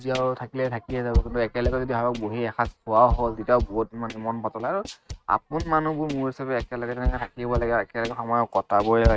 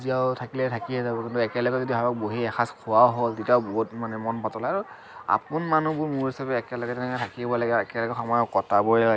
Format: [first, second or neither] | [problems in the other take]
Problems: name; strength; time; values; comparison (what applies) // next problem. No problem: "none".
second | noise reduction (neural mask model RNNoise)